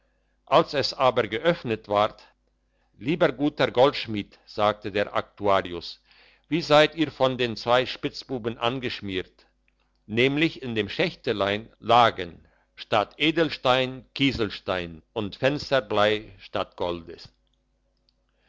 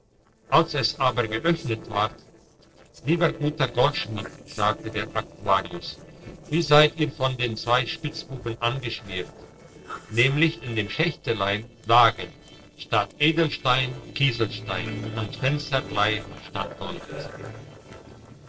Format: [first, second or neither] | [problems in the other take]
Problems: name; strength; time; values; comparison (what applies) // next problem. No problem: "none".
first | noise reduction (neural separator model SepFormer DNS4)